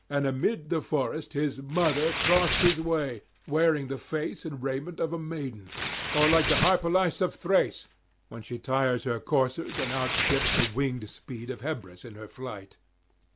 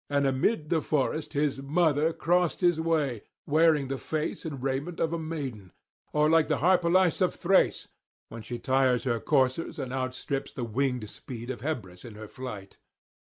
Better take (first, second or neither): second